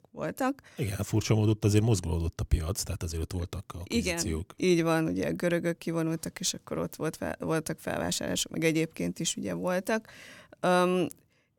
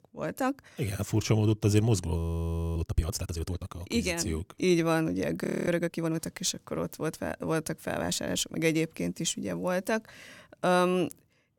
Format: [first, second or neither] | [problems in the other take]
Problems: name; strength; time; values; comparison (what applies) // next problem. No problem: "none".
first | audio freezing; at 2 s for 0.5 s and at 5.5 s